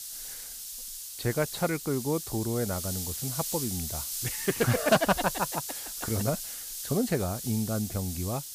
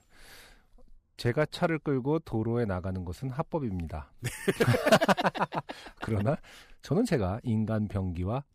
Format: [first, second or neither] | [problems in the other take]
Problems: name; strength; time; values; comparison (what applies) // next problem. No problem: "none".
second | hiss; loud; throughout; 4 dB below the speech